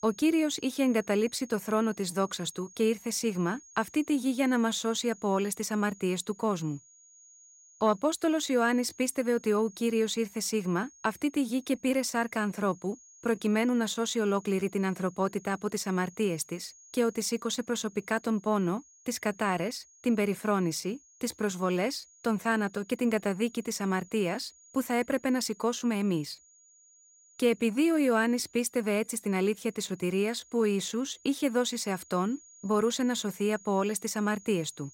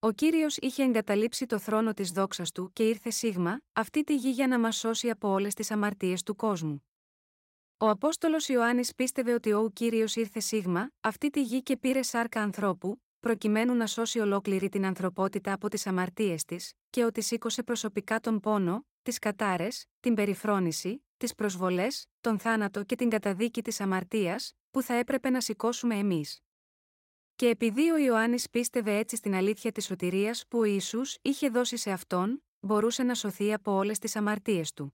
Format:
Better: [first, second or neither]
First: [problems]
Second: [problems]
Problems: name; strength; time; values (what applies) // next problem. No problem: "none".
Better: second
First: high-pitched whine; faint; throughout; 6.5 kHz, 25 dB below the speech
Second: none